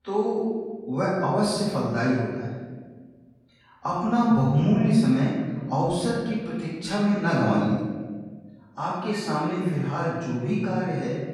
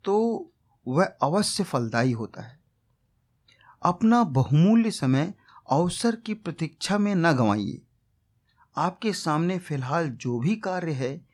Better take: second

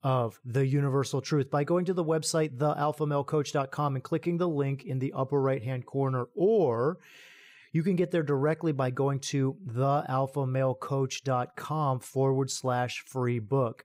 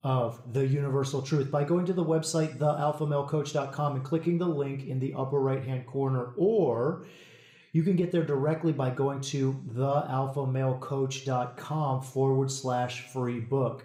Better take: first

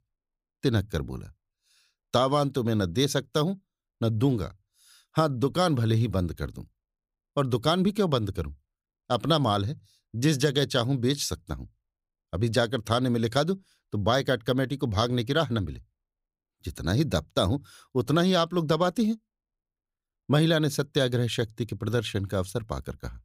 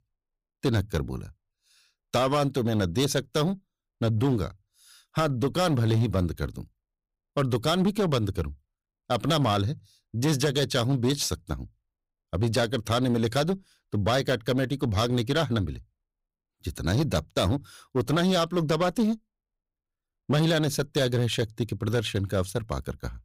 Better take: first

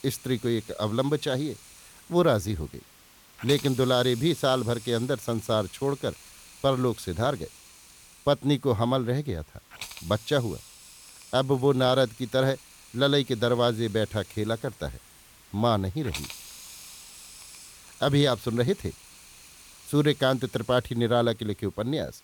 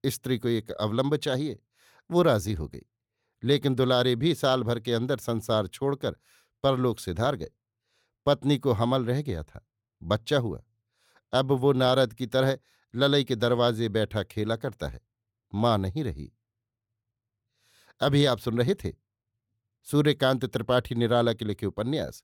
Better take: second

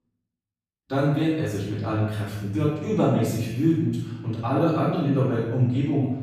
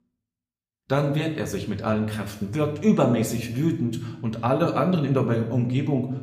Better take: second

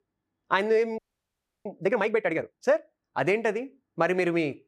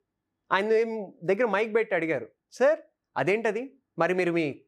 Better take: second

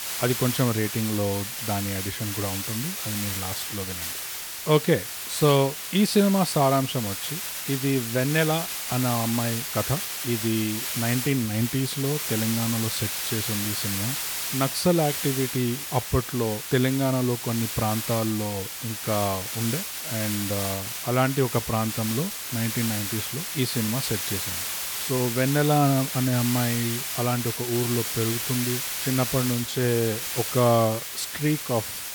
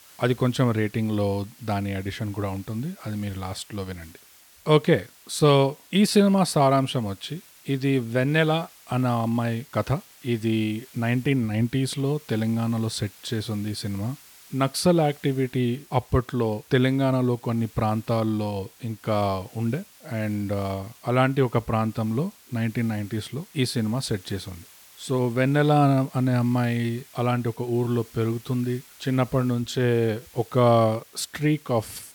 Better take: second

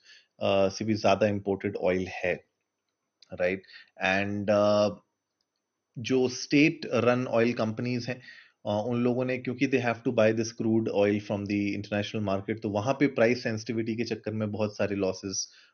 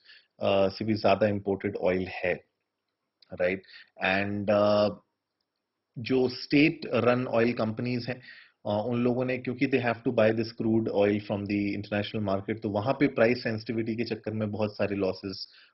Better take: first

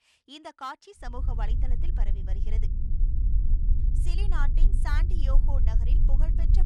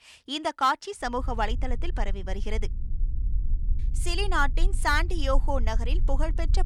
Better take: second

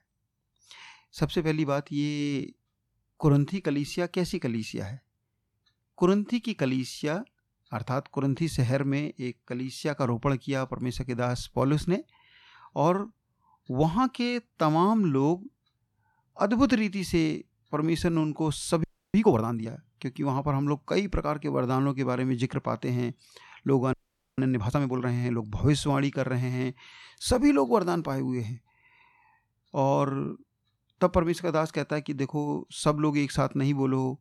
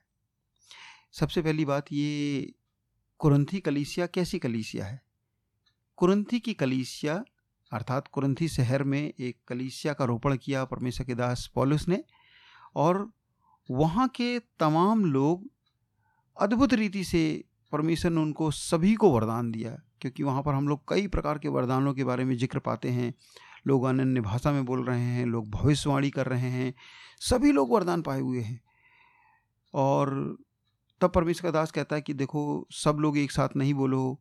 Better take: second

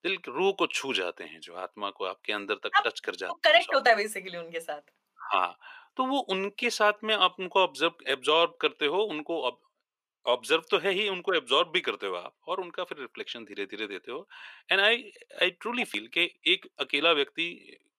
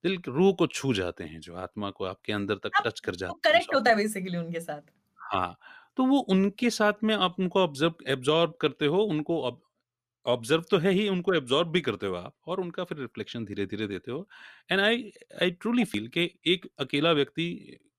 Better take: second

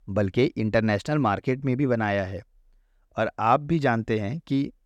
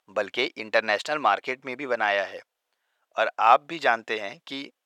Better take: first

